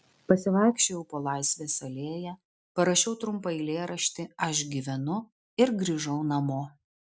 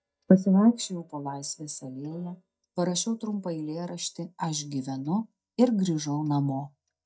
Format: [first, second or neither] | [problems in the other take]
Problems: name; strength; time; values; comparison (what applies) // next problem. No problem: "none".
first | noise reduction (neural mask model DeepFilterNet 3)